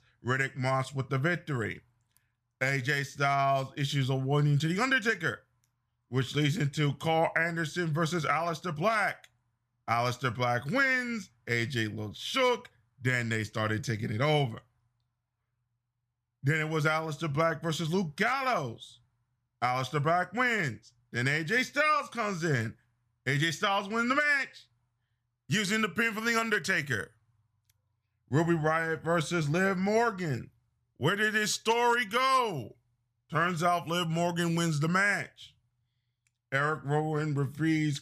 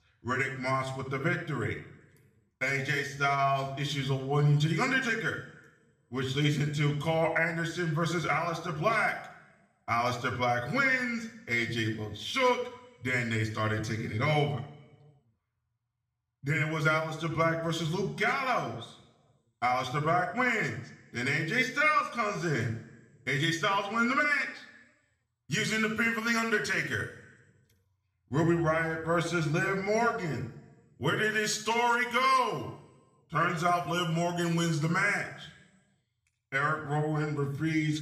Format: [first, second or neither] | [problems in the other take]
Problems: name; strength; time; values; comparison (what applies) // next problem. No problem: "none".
first | room echo; slight; dies away in 0.7 s // off-mic speech; somewhat distant